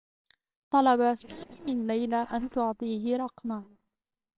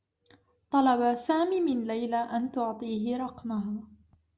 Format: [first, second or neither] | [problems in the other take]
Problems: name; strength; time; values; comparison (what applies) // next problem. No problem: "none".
second | noise reduction (neural separator model SepFormer WHAMR!)